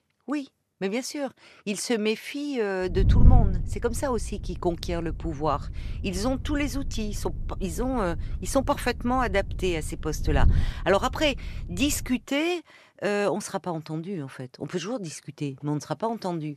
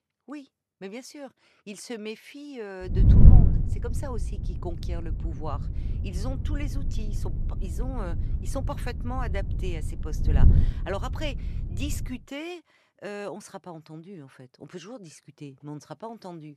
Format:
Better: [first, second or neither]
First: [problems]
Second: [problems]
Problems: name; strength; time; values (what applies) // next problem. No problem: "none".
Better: first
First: wind noise on the microphone; occasional gusts; from 3 to 12 s; 15 dB below the speech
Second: wind noise on the microphone; heavy; from 3 to 12 s; 2 dB below the speech